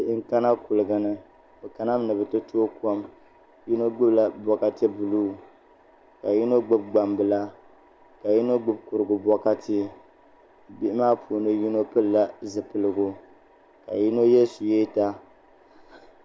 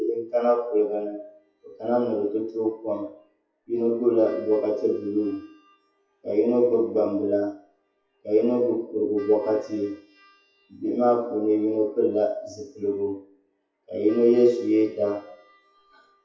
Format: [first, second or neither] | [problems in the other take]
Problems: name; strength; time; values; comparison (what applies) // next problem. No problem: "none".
first | noise reduction (classical method WPE with log-MMSE)